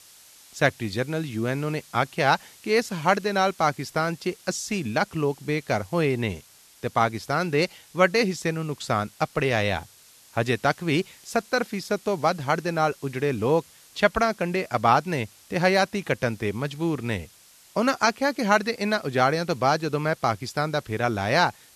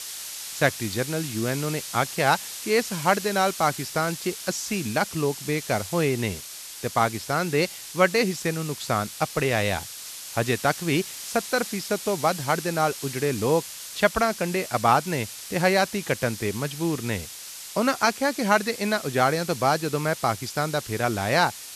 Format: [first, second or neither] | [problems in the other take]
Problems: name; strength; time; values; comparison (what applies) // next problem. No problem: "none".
first | hiss; loud; throughout; 10 dB below the speech; faint in the first